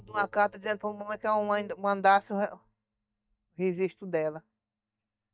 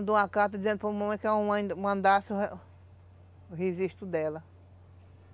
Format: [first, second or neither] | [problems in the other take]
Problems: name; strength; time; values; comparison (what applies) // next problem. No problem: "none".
second | noise reduction (neural mask model DeepFilterNet 3)